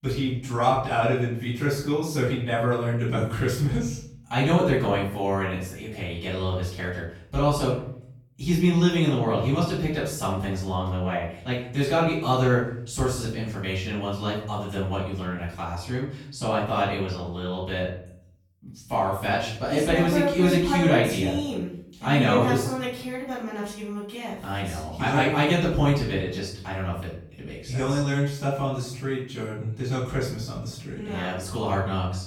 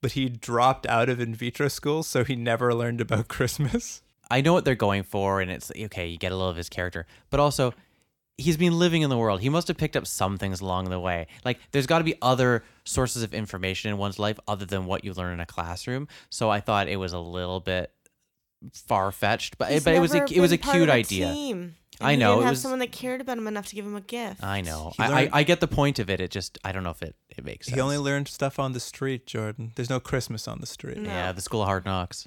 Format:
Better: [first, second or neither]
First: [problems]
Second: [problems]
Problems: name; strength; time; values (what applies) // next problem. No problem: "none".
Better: second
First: room echo; noticeable; dies away in 0.7 s // off-mic speech; far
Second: none